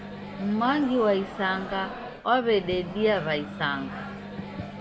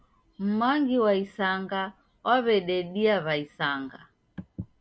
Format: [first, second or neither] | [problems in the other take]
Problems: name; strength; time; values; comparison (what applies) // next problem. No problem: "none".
second | background sound (Microwave oven); 10 dB below the speech